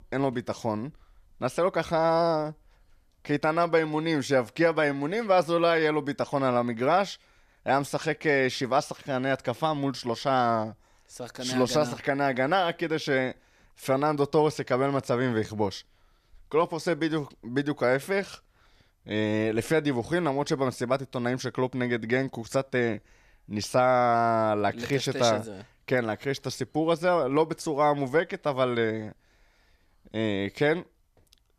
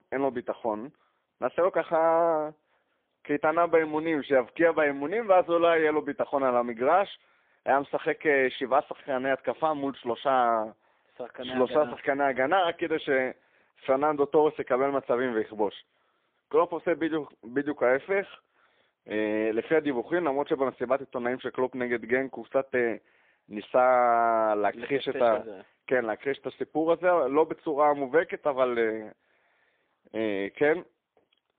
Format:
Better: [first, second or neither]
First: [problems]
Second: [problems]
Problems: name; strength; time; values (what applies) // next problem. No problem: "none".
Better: first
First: none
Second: phone-call audio; poor line